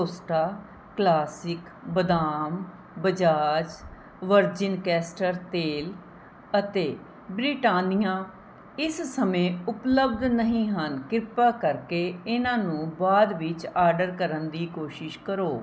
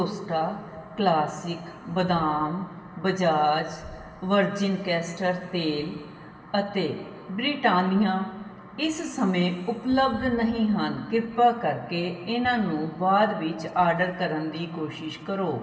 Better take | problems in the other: first | room echo; dies away in 2.4 s

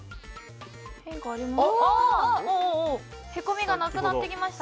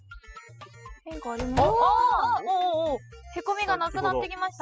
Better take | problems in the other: first | noise reduction (classical method spectral subtraction)

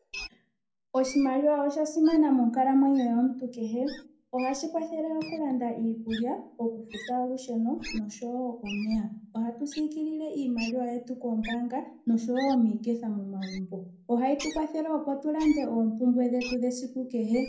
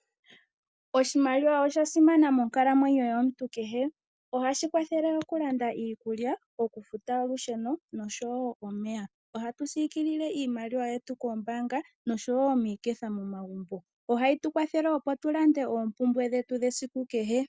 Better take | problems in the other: second | background sound (Wild animals); 19 dB below the speech // room echo; dies away in 0.6 s

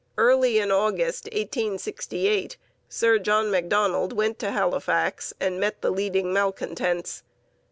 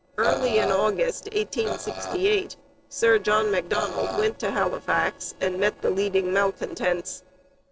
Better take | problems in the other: first | noise reduction (neural separator model SepFormer DNS4)

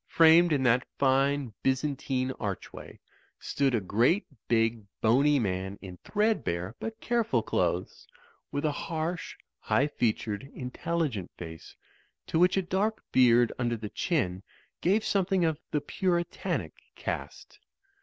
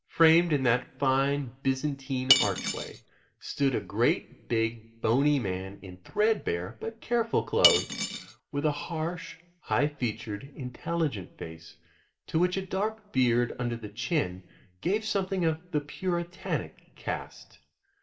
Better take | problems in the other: first | background sound (Cutlery, silverware / Dishes, pots, and pans); 1 dB above the speech // room echo; dies away in 0.3 s

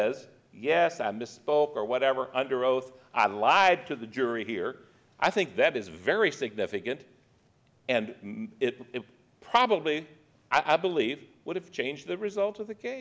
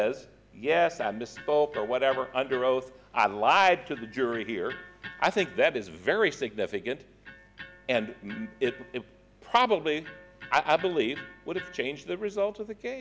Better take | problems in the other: first | background sound (Electric guitar); 19 dB below the speech

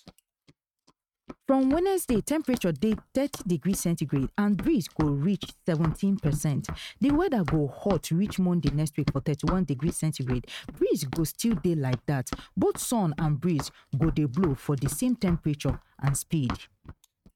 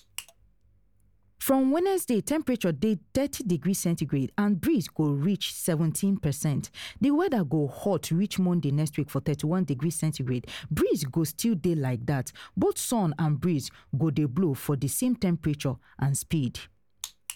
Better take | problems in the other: second | noise reduction (neural mask model RNNoise)

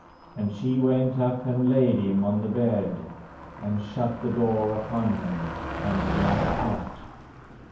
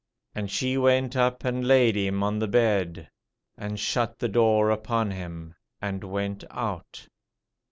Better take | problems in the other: second | background sound (Motor vehicle (road)); 8 dB below the speech // room echo; dies away in 0.9 s

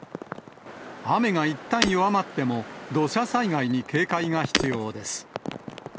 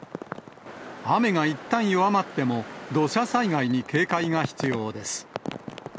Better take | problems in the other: second | background sound (Shatter); 6 dB below the speech

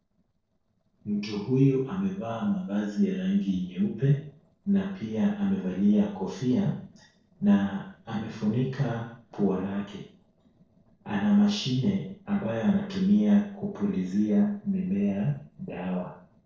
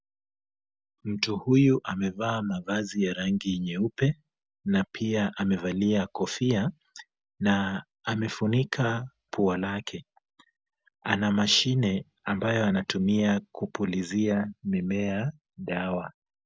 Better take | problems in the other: second | noise reduction (neural separator model SepFormer DNS4)

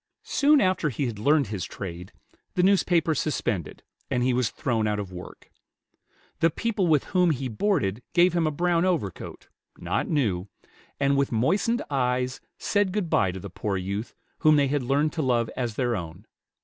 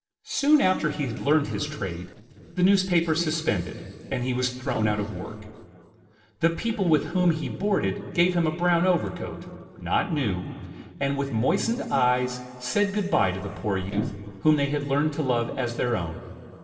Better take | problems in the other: first | noise reduction (neural separator model SepFormer DNS4)

